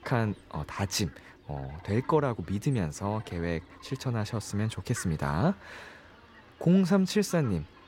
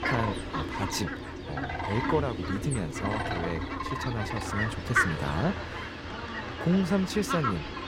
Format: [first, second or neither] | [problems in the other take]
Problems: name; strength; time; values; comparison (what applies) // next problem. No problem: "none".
first | animal sounds; loud; throughout; 1 dB below the speech; faint in the first